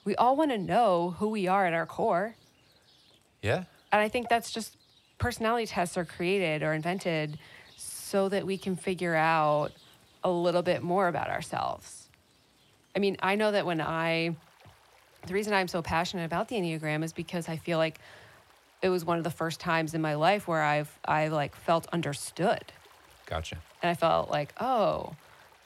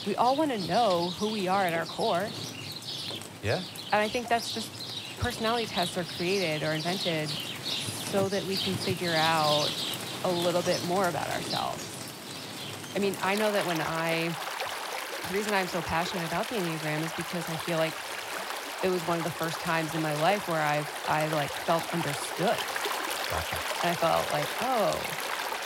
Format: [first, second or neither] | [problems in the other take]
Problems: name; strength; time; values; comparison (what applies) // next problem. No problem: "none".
first | rain or running water; loud; throughout; 4 dB below the speech; faint in the first